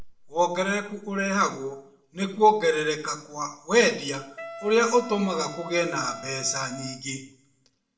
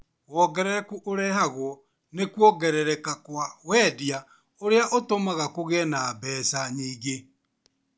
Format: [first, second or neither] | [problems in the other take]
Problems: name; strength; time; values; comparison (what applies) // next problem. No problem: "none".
second | background sound (Wind instrument, woodwind instrument); 15 dB below the speech // room echo; dies away in 0.5 s